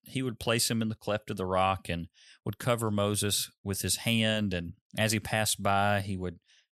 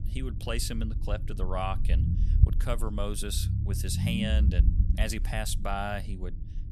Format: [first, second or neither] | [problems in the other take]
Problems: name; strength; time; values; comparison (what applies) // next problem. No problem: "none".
first | low rumble; loud; throughout; 10 dB below the speech